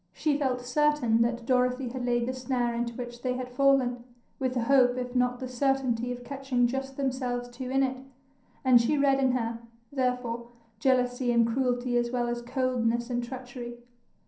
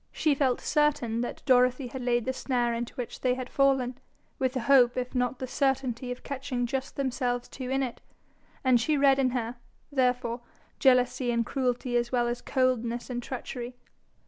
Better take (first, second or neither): second